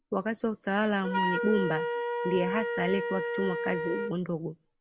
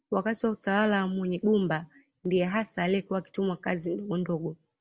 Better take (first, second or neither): second